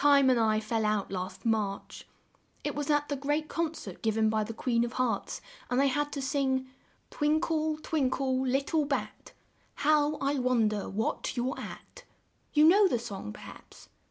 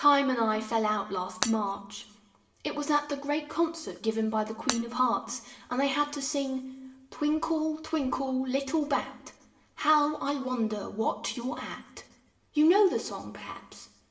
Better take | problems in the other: first | background sound (Shatter); 10 dB below the speech // room echo; dies away in 0.8 s

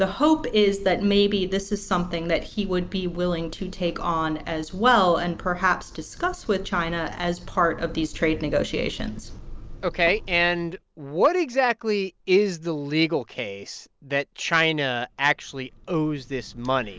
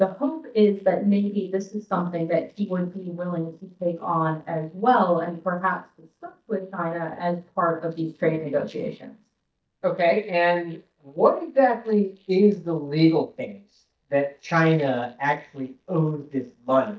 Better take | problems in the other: first | noise reduction (neural mask model DeepFilterNet 3)

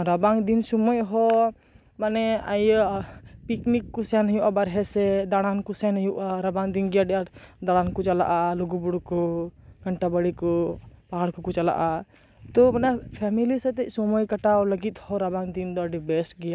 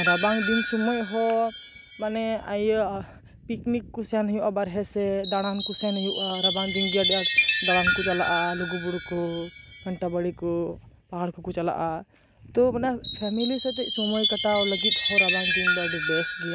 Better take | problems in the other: first | background sound (Chime); 2 dB below the speech

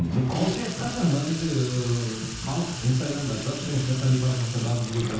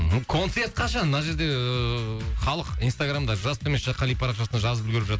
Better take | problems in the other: second | background sound (Sink (filling or washing) / Water tap, faucet); 11 dB below the speech // room echo; dies away in 0.8 s

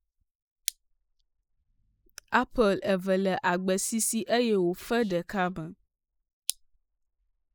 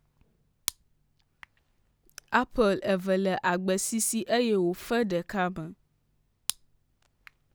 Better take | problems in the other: second | noise reduction (neural mask model Resemble Enhance denoiser)

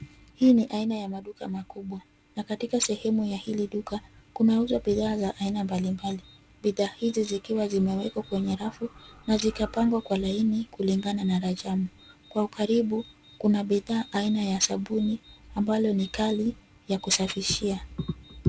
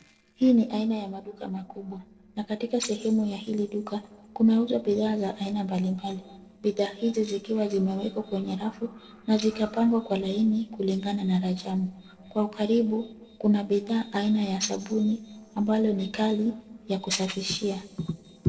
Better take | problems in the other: first | noise reduction (neural separator model SepFormer DNS4)

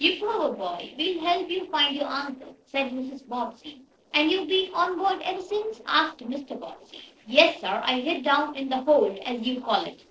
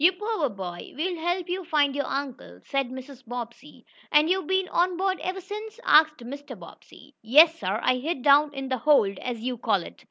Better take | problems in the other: second | noise reduction (neural separator model SepFormer DNS4)

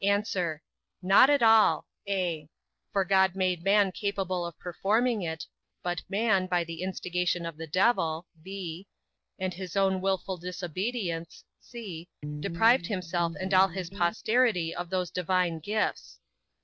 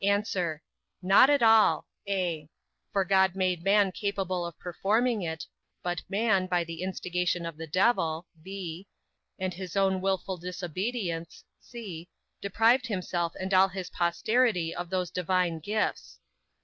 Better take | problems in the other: second | noise reduction (neural separator model SepFormer DNS4)

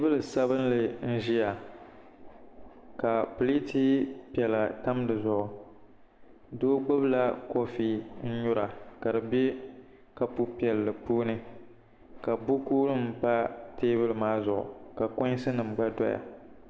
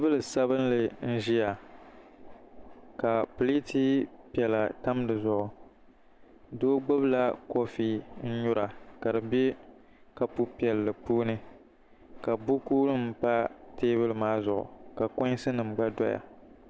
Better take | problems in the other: second | room echo; dies away in 1.2 s

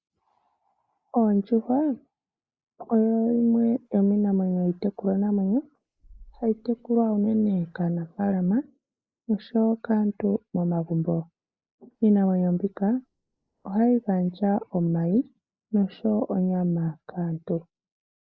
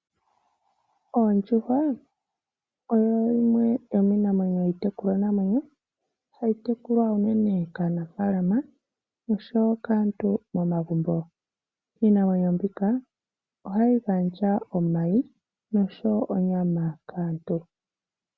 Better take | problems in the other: second | noise reduction (neural mask model Resemble Enhance denoiser)

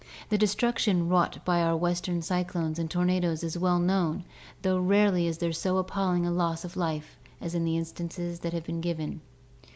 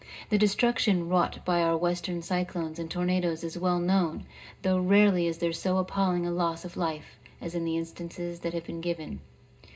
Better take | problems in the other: first | room echo; dies away in 0.2 s

